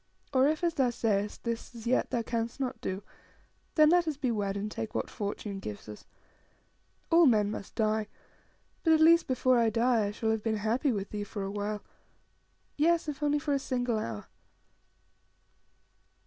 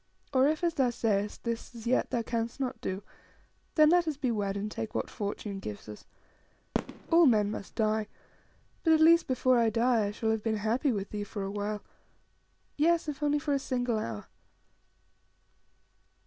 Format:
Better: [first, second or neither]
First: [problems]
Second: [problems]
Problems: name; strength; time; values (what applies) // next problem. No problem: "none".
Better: first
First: none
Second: background sound (Fireworks); 12 dB below the speech